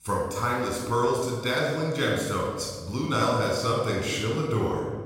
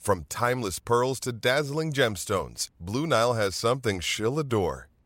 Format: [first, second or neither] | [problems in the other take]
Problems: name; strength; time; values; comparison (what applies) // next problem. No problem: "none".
second | off-mic speech; far // room echo; noticeable; dies away in 1.2 s